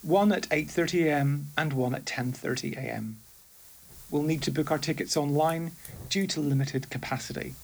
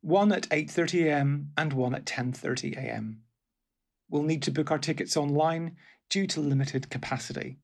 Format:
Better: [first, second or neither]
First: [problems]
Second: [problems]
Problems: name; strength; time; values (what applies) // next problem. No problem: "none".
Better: second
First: hiss; noticeable; throughout; 20 dB below the speech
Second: none